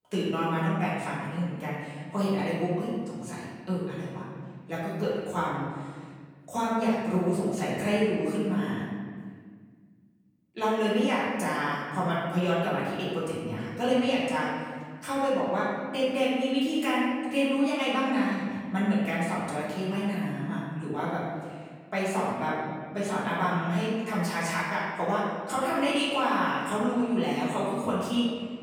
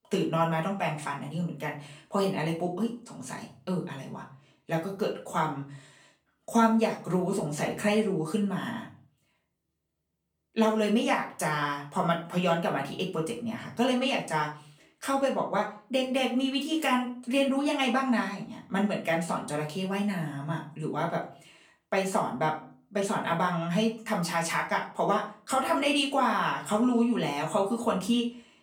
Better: second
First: room echo; strong; dies away in 1.8 s // off-mic speech; far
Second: room echo; slight; dies away in 0.4 s // off-mic speech; far

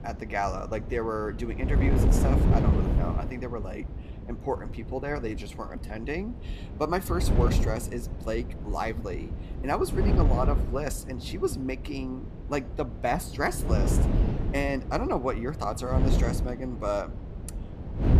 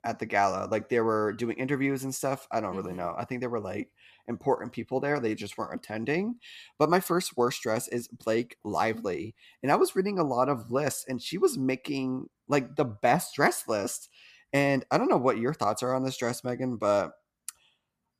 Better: second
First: wind noise on the microphone; heavy; 7 dB below the speech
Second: none

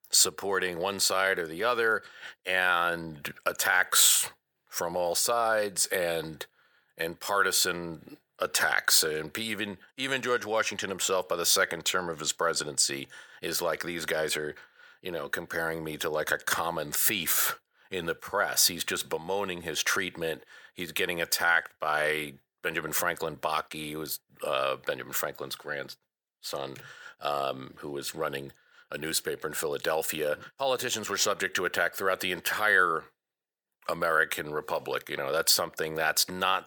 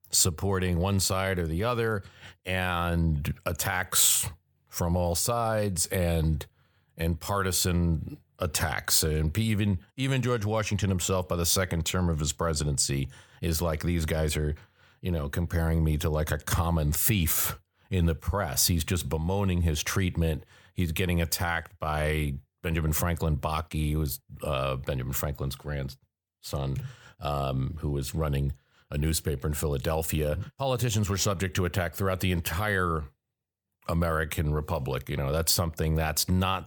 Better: second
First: thin; very; fading below 450 Hz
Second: none

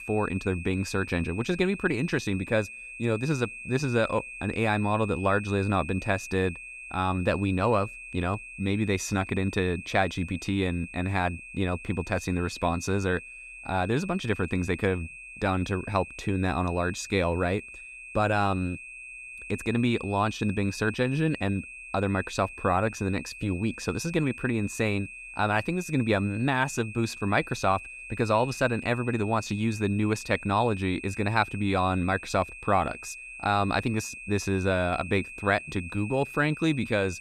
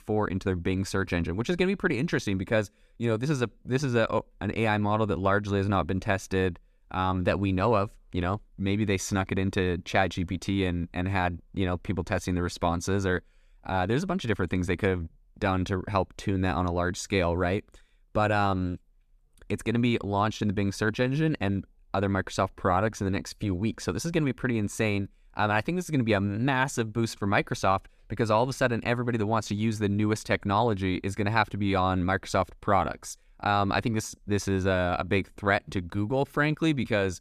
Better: second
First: high-pitched whine; noticeable; throughout; 2.5 kHz, 10 dB below the speech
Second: none

